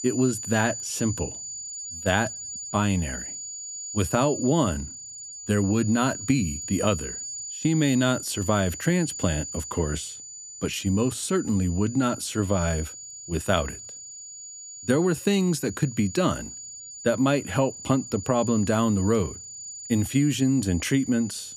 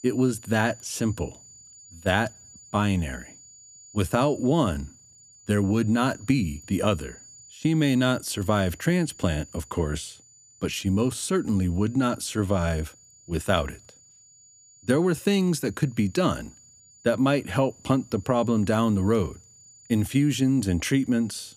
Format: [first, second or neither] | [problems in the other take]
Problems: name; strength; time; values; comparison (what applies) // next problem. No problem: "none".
second | high-pitched whine; loud; throughout; 7 kHz, 10 dB below the speech; faint in the second